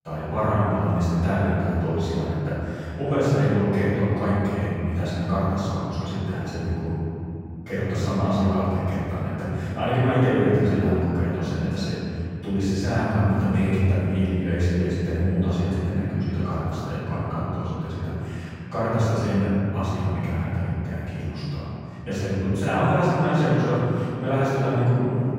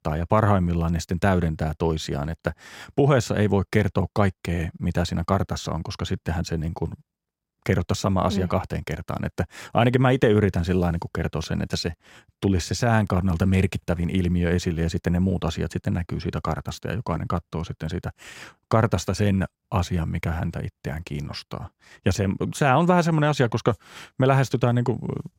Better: second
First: off-mic speech; far // room echo; strong; dies away in 2.9 s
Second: none

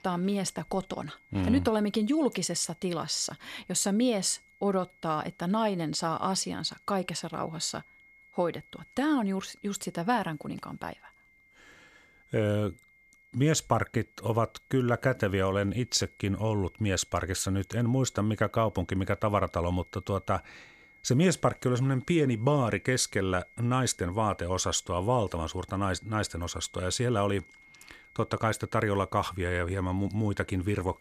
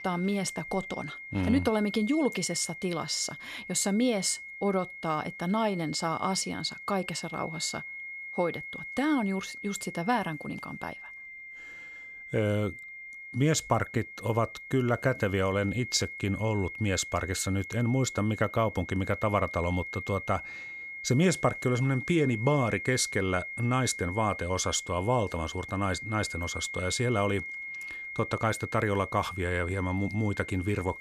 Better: first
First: high-pitched whine; faint; throughout; 2 kHz, 30 dB below the speech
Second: high-pitched whine; loud; throughout; 2 kHz, 10 dB below the speech

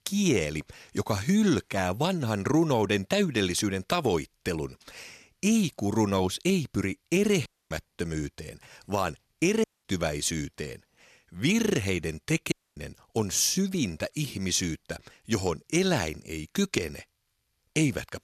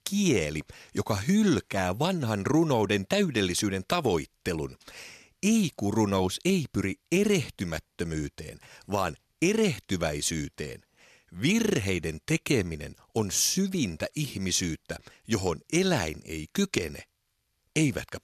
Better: second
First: audio cutting out; at 7.5 s, at 9.5 s and at 13 s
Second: none

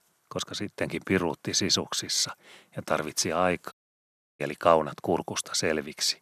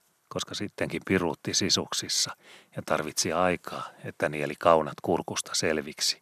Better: second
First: audio cutting out; at 3.5 s for 0.5 s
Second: none

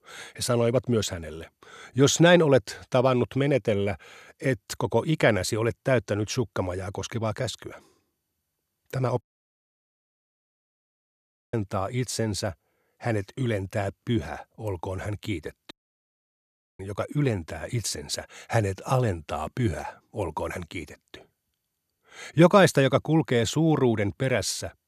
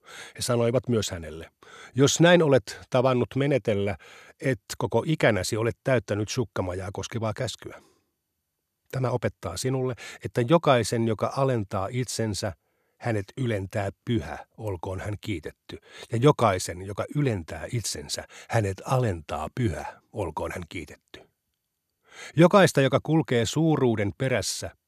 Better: second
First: audio cutting out; at 9 s for 2.5 s and at 16 s for 1 s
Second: none

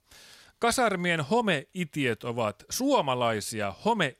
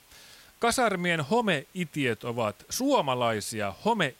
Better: first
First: none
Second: hiss; faint; throughout; 30 dB below the speech

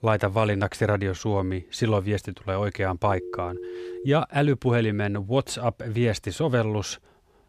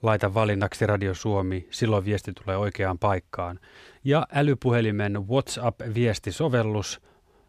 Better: second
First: phone ringing; faint; at 3 s; peak 10 dB below the speech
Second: none

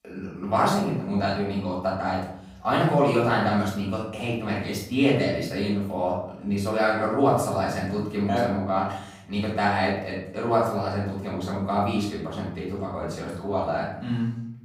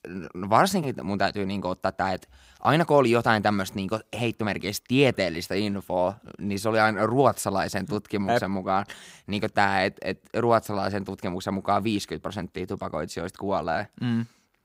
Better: second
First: off-mic speech; far // room echo; noticeable; dies away in 0.8 s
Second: none

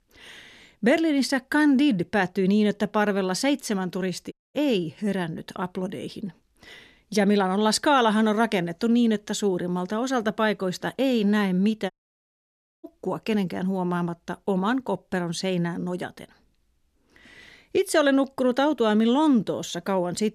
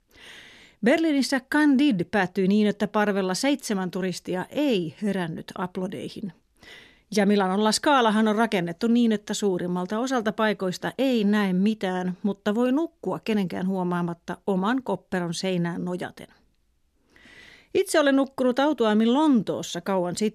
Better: second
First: audio cutting out; at 4.5 s and at 12 s for 1 s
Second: none

